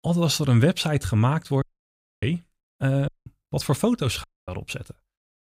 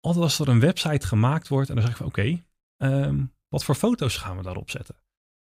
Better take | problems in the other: second | audio cutting out; at 1.5 s for 0.5 s, at 3 s and at 4 s

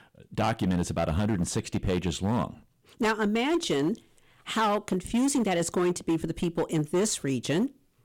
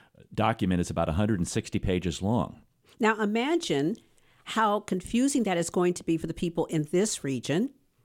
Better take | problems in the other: second | distortion; slight; 10% of the sound clipped

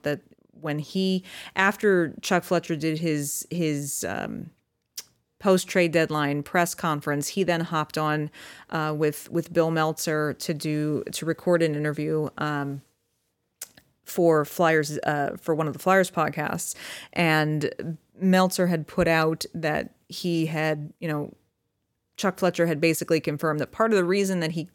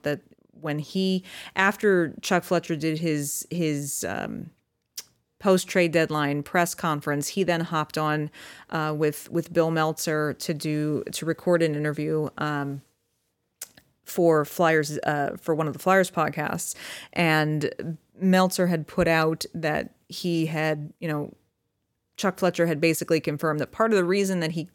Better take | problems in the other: neither | none

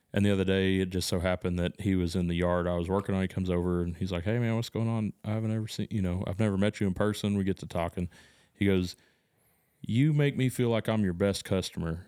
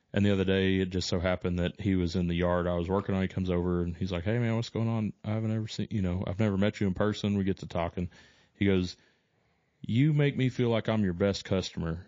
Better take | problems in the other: first | garbled, watery; slightly

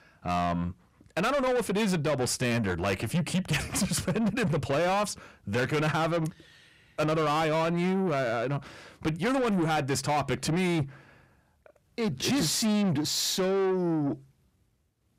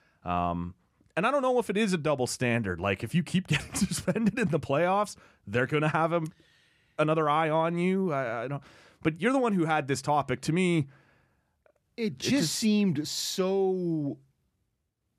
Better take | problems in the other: second | distortion; heavy; 8 dB below the speech

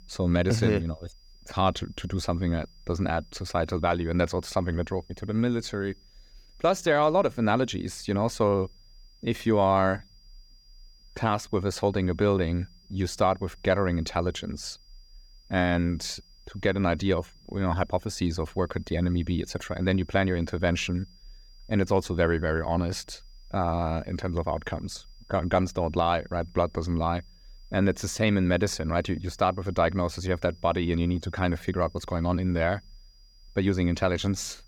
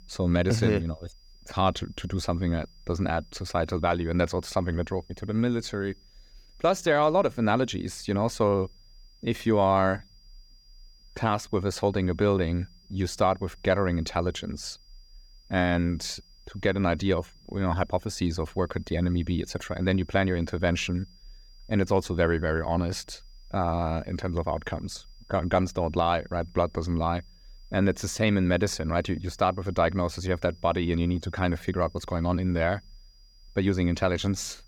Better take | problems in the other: neither | high-pitched whine; faint; throughout; 5 kHz, 30 dB below the speech; the same in both

